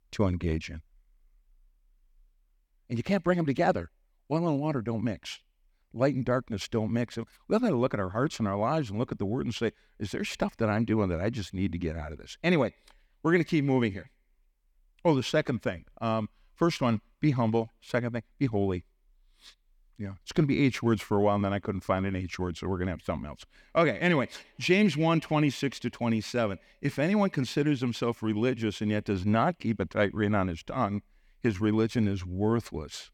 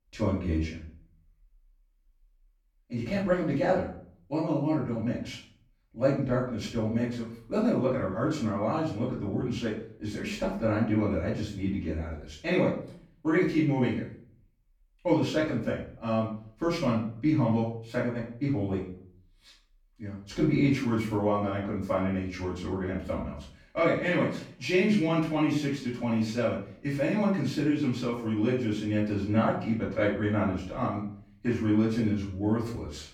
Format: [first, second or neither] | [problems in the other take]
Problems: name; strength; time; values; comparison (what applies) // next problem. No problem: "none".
first | room echo; noticeable; dies away in 0.4 s // off-mic speech; far